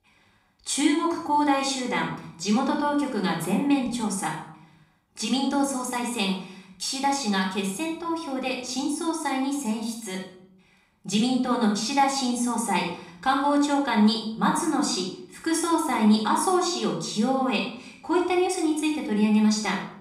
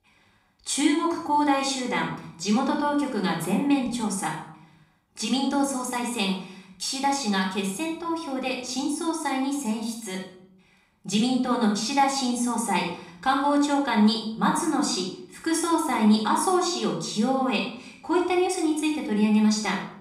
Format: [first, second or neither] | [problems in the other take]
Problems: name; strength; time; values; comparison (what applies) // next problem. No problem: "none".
neither | off-mic speech; far; the same in both // room echo; noticeable; dies away in 0.6 s; the same in both